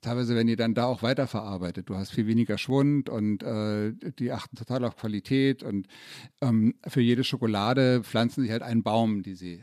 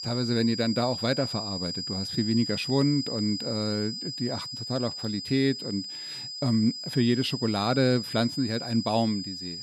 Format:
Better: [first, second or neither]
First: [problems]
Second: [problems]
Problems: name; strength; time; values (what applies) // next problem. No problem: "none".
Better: first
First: none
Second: high-pitched whine; loud; throughout; 5 kHz, 6 dB below the speech